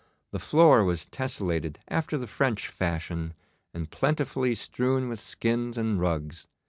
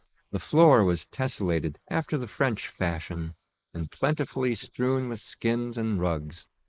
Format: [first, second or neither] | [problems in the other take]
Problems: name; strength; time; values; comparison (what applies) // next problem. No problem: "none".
first | noise reduction (neural mask model Resemble Enhance denoiser)